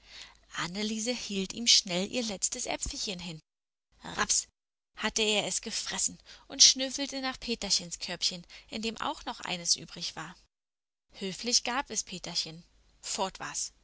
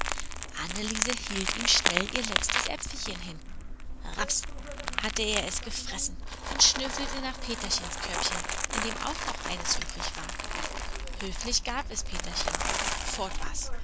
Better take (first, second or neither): first